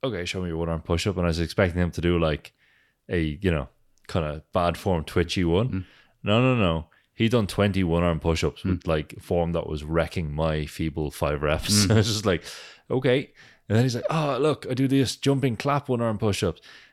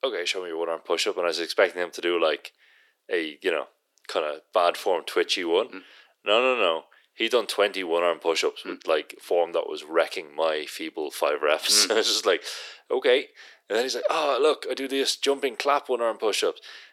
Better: first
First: none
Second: thin; very; fading below 350 Hz

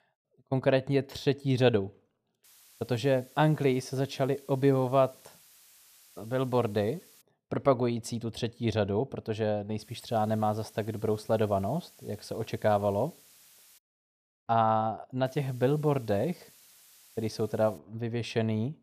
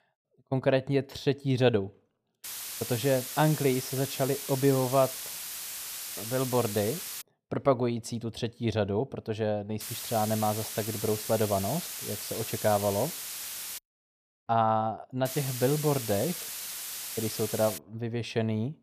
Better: first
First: hiss; faint; from 2.5 to 7 s, from 10 to 14 s and from 15 to 18 s; 25 dB below the speech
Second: hiss; loud; from 2.5 to 7 s, from 10 to 14 s and from 15 to 18 s; 6 dB below the speech

